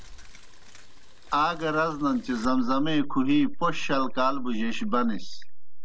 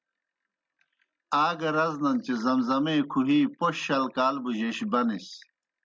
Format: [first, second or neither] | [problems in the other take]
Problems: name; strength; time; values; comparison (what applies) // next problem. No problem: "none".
second | background sound (Mechanisms / Bicycle); 2 dB below the speech